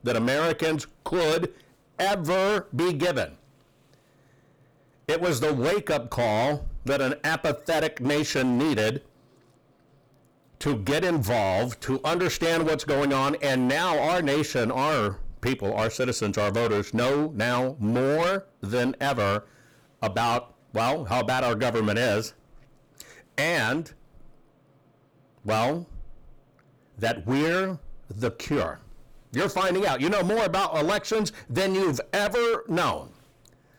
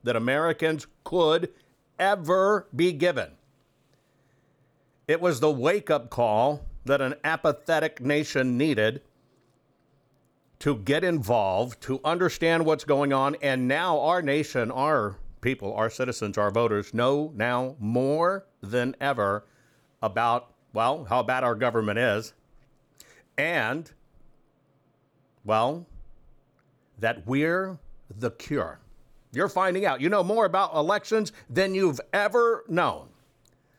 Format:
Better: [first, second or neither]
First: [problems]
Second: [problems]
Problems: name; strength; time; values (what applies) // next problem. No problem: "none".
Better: second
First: distortion; heavy; 22% of the sound clipped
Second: none